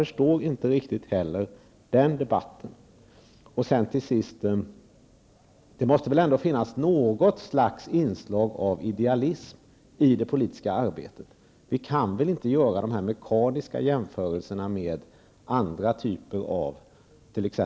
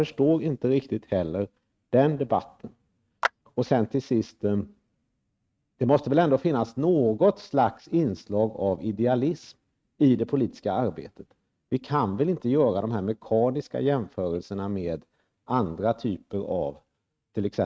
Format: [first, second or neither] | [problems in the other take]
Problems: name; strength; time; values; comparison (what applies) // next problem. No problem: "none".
first | noise reduction (neural mask model RNNoise)